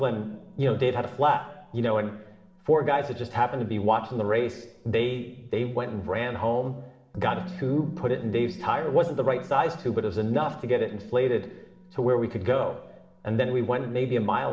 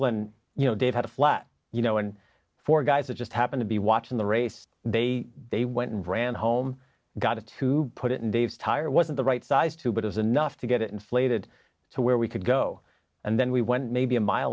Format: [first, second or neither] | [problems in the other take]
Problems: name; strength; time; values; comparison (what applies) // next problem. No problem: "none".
second | background sound (Musical instrument); 20 dB below the speech // room echo; dies away in 0.8 s